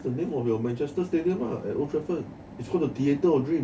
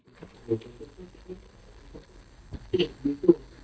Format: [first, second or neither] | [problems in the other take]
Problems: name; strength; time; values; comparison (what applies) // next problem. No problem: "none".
first | noise reduction (neural mask model DeepFilterNet 3)